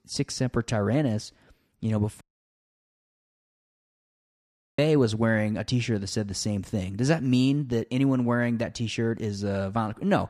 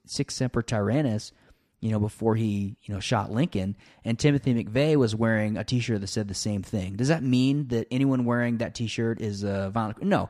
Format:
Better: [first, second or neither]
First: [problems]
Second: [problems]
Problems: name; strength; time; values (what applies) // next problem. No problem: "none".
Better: second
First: audio cutting out; at 2 s for 2.5 s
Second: none